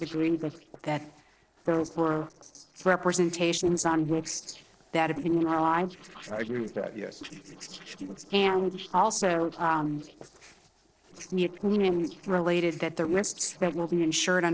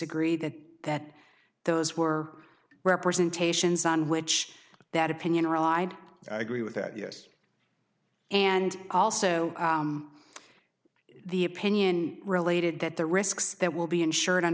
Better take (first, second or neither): second